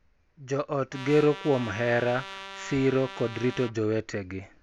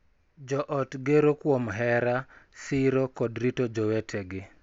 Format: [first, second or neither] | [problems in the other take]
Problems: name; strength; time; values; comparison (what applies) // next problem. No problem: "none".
second | background sound (Trumpet); 14 dB below the speech